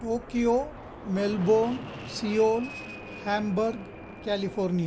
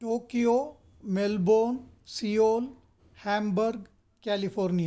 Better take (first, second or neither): second